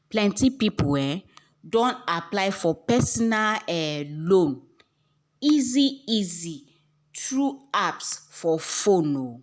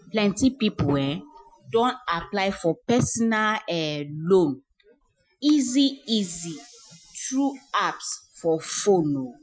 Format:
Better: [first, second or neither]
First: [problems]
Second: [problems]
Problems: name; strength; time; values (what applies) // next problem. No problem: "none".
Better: first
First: none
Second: noise reduction (classical method Wiener filter)